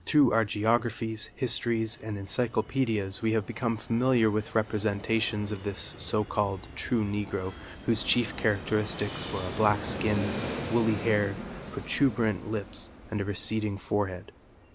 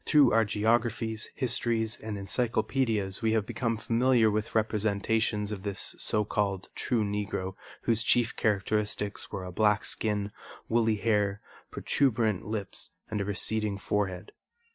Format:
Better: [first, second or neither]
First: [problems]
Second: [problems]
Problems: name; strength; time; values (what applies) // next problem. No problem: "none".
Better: second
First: background sound (Fixed-wing aircraft, airplane); 11 dB below the speech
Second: none